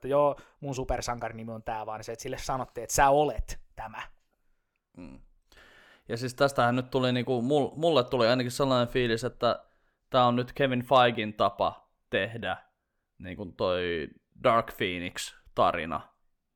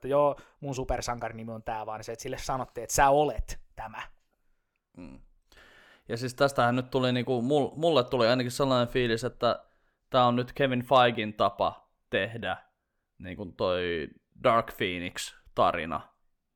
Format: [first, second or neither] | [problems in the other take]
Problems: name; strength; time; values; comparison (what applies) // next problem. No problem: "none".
neither | none